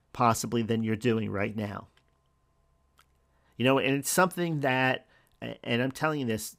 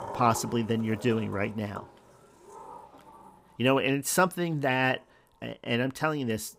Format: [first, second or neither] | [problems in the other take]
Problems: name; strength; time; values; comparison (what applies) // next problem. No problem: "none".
first | household noises; noticeable; throughout; 15 dB below the speech